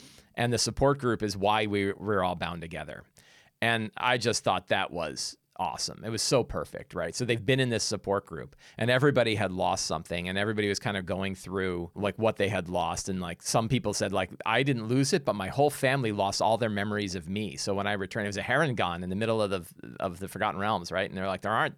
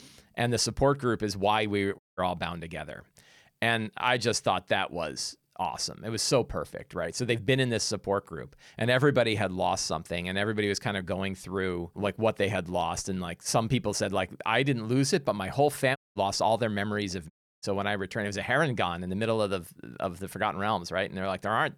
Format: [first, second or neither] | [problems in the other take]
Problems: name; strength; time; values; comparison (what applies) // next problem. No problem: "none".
first | audio cutting out; at 2 s, at 16 s and at 17 s